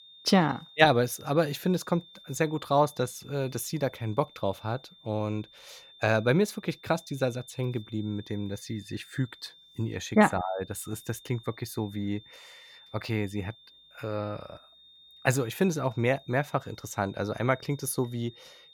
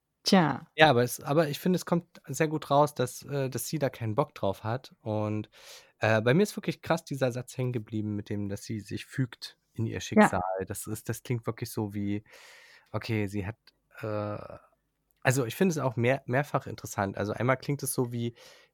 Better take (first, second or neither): second